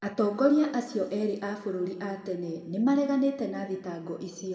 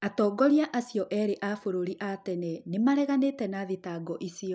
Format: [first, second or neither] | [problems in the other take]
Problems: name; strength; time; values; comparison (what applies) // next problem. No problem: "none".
second | room echo; dies away in 1.4 s